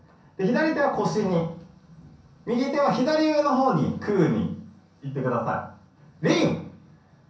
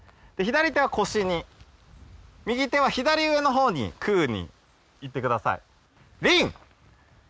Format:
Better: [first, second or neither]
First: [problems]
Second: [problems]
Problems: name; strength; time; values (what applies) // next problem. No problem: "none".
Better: second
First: room echo; dies away in 0.6 s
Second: none